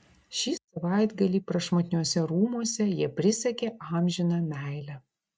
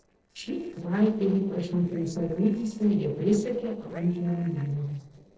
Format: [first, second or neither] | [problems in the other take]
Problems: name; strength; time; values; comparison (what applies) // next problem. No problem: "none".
first | noise reduction (neural separator model SepFormer DNS4)